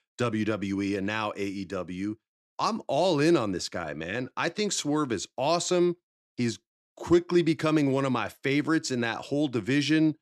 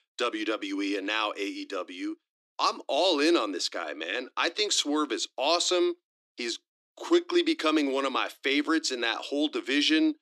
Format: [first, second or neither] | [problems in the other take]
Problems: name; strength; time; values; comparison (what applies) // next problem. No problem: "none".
first | thin; very slightly; fading below 300 Hz